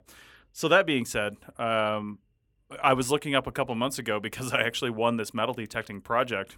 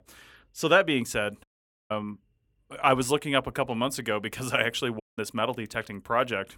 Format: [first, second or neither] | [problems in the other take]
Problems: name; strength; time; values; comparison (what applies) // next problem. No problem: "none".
first | audio cutting out; at 1.5 s and at 5 s